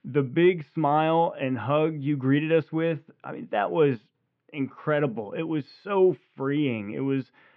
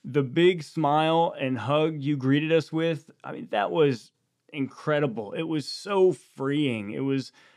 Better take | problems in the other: second | muffled; very; fading above 2.5 kHz

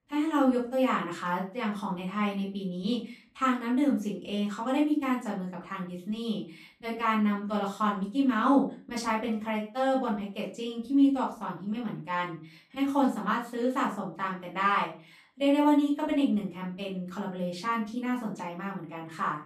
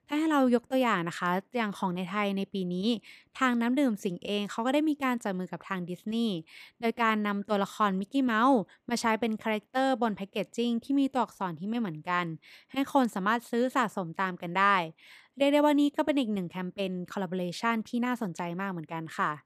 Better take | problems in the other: second | off-mic speech; far // room echo; slight; dies away in 0.3 s

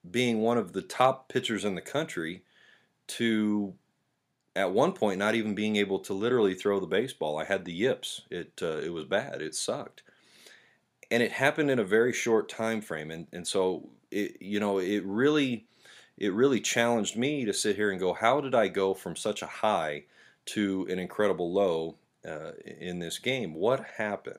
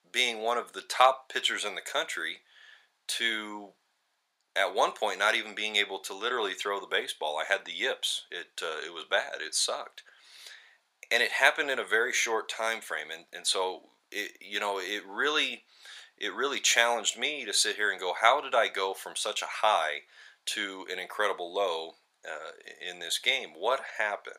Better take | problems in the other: first | thin; very; fading below 900 Hz

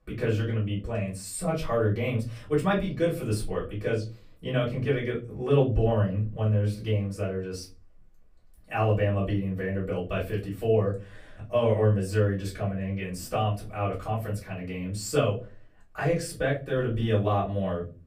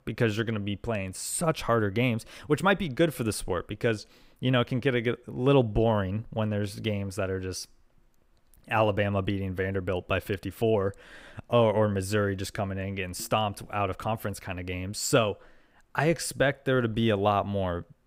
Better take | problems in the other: second | off-mic speech; far // room echo; slight; dies away in 0.3 s

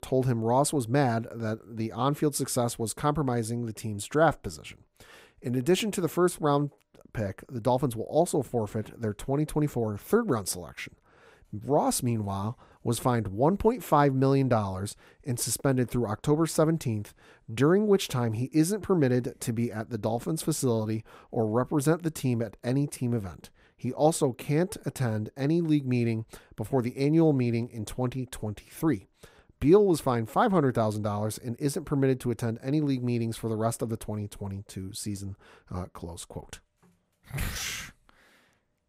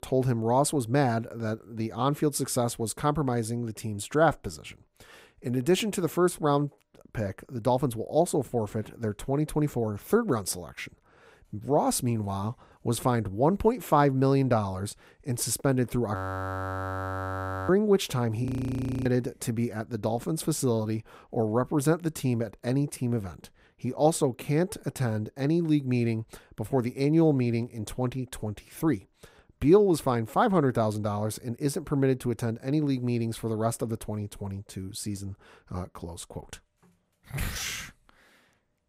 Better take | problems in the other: first | audio freezing; at 16 s for 1.5 s and at 18 s for 0.5 s

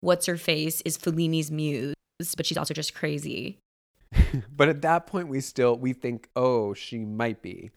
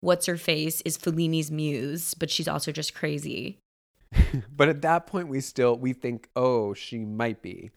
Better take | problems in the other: second | audio freezing; at 2 s

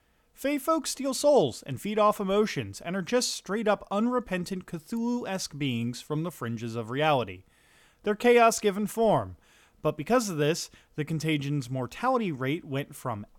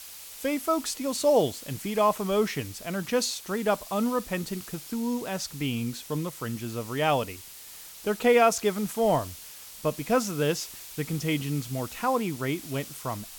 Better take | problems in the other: first | hiss; noticeable; throughout; 15 dB below the speech

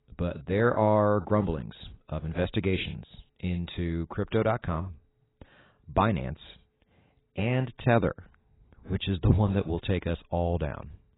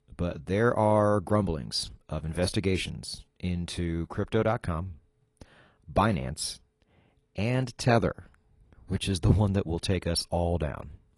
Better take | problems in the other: second | garbled, watery; badly; nothing above 4 kHz; slightly in the second

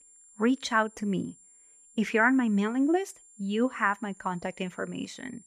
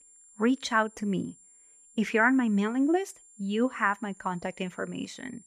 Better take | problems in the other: neither | high-pitched whine; faint; throughout; 7.5 kHz, 25 dB below the speech; the same in both

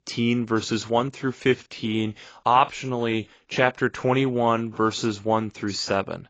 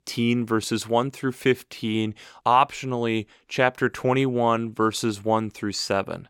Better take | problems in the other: second | garbled, watery; badly; nothing above 7.5 kHz

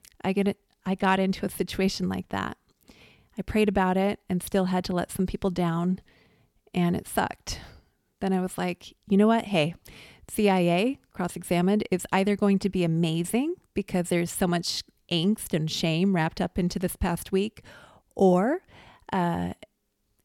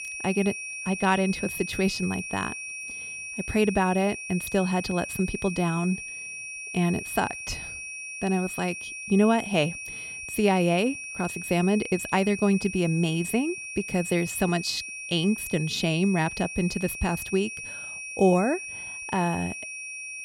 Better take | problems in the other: first | high-pitched whine; loud; throughout; 2.5 kHz, 8 dB below the speech

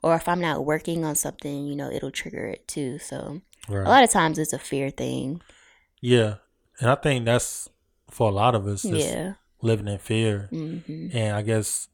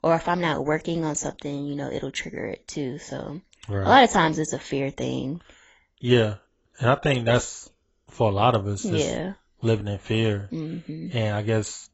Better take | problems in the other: first | garbled, watery; badly; nothing above 7.5 kHz

